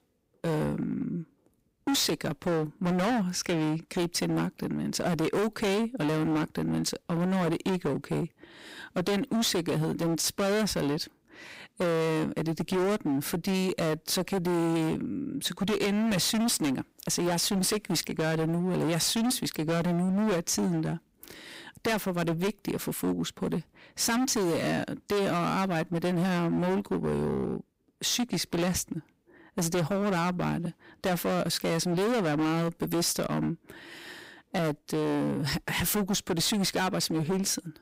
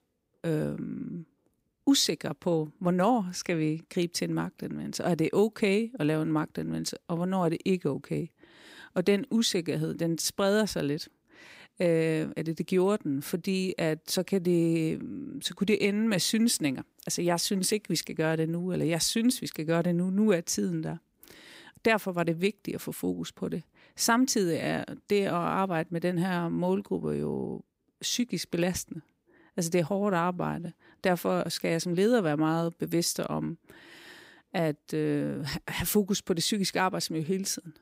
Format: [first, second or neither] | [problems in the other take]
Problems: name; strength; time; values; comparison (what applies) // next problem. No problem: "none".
second | distortion; heavy; 23% of the sound clipped